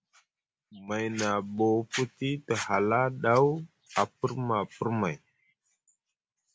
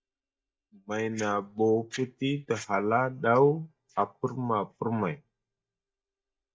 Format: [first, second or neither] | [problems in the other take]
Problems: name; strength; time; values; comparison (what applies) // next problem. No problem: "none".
first | noise reduction (neural mask model DeepFilterNet 3)